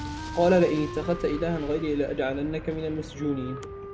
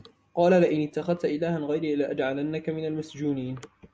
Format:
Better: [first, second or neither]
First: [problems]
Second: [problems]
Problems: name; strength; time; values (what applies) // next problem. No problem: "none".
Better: second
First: background sound (Wind instrument, woodwind instrument + Explosion); 10 dB below the speech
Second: none